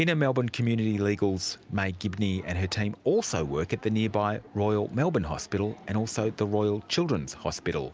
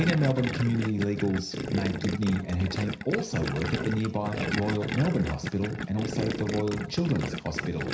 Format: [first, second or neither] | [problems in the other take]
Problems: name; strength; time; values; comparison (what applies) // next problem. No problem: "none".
first | background sound (Gurgling); 5 dB below the speech // room echo; dies away in 0.5 s